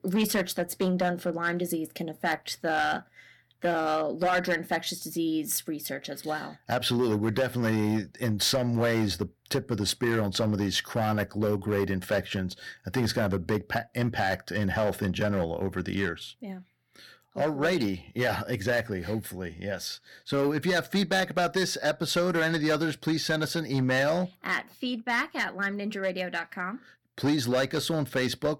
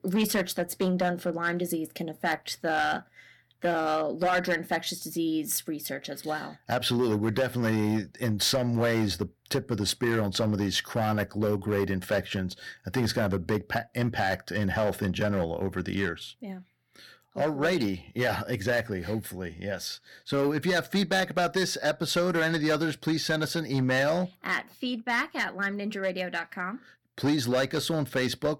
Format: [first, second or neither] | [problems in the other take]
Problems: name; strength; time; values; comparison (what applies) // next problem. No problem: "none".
neither | distortion; slight; 6% of the sound clipped; the same in both